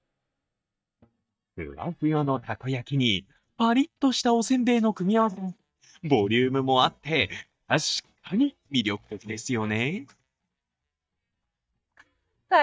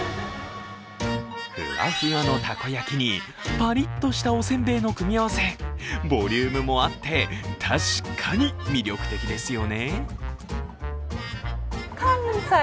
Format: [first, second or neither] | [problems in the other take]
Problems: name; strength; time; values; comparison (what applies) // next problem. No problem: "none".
second | noise reduction (neural mask model DeepFilterNet 3)